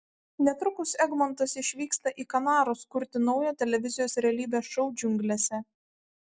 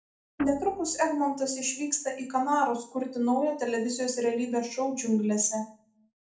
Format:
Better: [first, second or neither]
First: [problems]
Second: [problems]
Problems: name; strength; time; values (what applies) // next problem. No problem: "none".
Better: first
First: none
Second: background sound (Guitar); 17 dB below the speech // room echo; dies away in 0.4 s